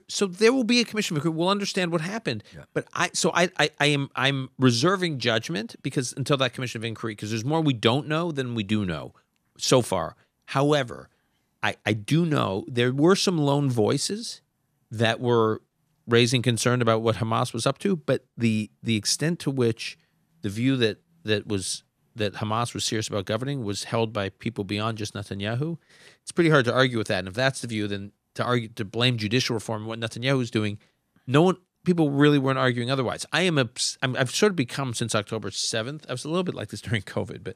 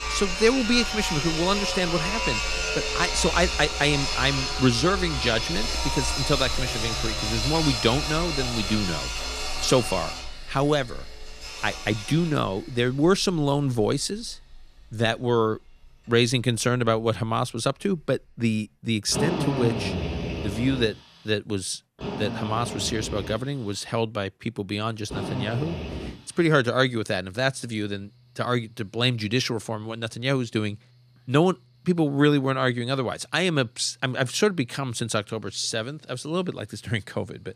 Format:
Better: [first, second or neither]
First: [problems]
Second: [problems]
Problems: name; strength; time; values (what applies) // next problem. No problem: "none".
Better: first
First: none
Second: machinery noise; loud; throughout; 3 dB below the speech